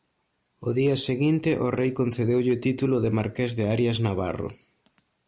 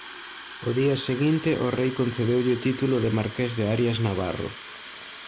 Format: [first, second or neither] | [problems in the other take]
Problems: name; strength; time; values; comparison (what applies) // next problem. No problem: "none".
first | background sound (Fill (with liquid) / Water tap, faucet); 15 dB below the speech